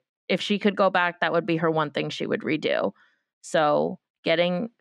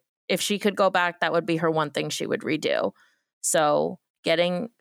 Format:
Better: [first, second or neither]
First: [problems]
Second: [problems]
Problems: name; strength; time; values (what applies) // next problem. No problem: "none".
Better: second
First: muffled; slightly; fading above 3 kHz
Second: none